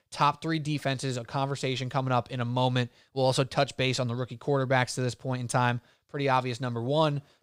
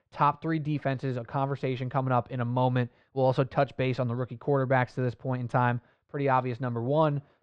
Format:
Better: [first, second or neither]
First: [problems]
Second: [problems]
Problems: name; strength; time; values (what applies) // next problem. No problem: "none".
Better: first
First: none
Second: muffled; very; fading above 2 kHz